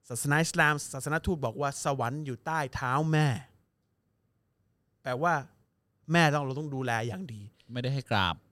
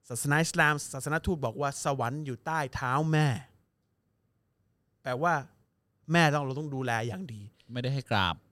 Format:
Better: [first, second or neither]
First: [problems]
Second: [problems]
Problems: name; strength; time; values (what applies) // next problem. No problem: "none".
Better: neither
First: none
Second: none